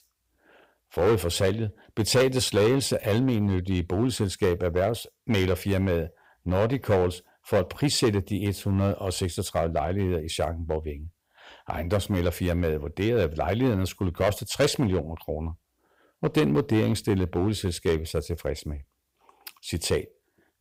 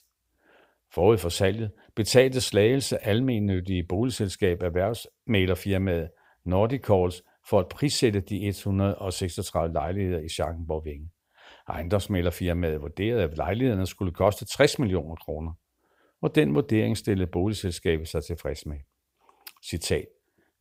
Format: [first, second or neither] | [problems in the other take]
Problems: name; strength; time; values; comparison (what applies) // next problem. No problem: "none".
second | distortion; slight; 4% of the sound clipped